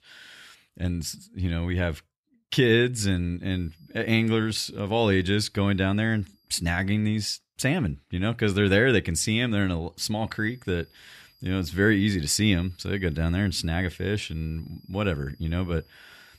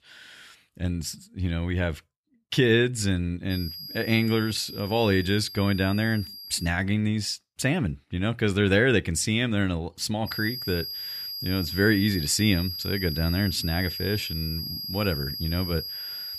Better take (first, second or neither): first